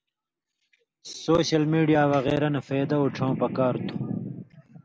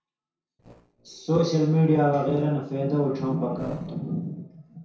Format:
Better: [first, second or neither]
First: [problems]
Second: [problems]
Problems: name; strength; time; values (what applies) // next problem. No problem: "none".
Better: first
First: none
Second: noise reduction (neural separator model SepFormer DNS4)